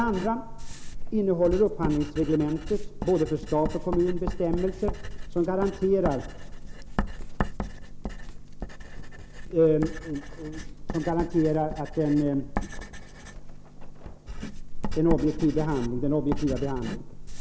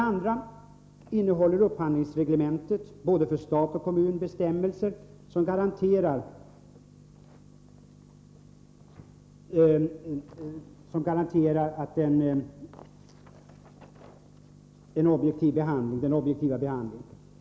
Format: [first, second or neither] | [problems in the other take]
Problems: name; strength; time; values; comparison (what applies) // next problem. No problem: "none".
second | background sound (Writing); 5 dB below the speech